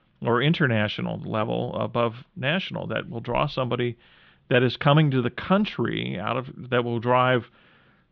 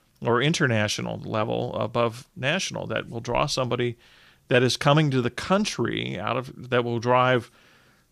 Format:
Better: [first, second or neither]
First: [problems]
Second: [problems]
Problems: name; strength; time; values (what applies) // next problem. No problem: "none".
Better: second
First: muffled; very; fading above 3.5 kHz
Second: none